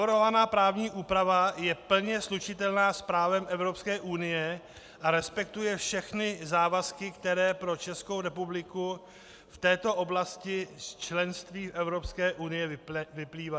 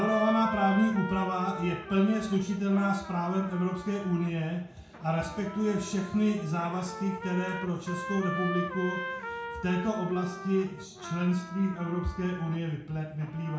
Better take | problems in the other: first | background sound (Trumpet); 10 dB below the speech // room echo; dies away in 0.5 s

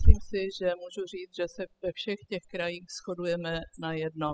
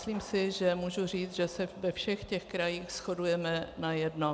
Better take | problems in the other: second | noise reduction (classical method spectral subtraction)

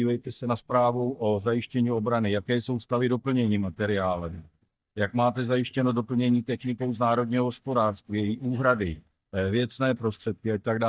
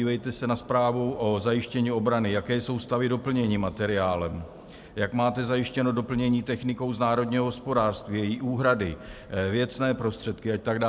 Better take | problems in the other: second | noise reduction (neural mask model DeepFilterNet 3)

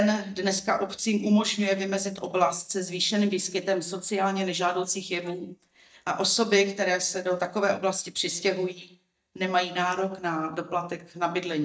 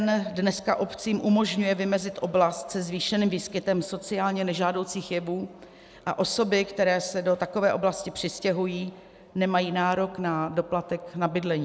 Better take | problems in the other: second | noise reduction (neural mask model DeepFilterNet 3)

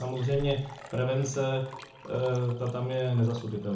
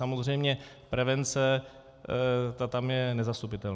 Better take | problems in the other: second | background sound (Liquid); 19 dB below the speech // room echo; dies away in 0.7 s

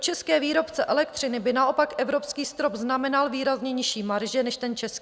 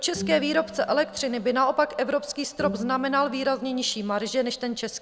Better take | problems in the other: first | background sound (Bowed string instrument); 14 dB below the speech

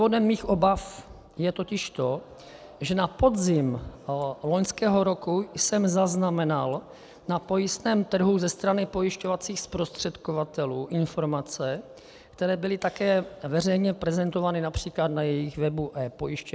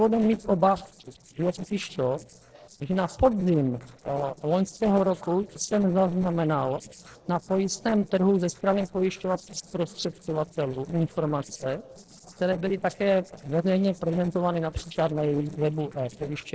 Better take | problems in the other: first | noise reduction (neural separator model SepFormer DNS4)

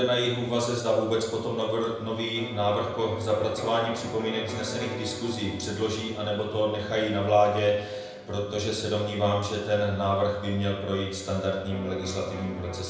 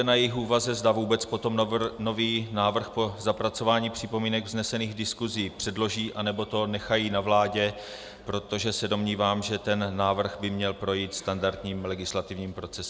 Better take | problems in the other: second | background sound (Electric guitar); 15 dB below the speech // room echo; dies away in 0.8 s

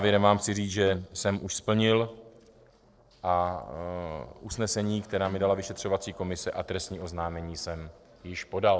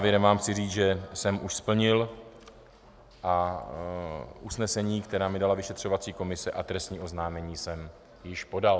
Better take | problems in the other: second | noise reduction (neural separator model SepFormer DNS4)

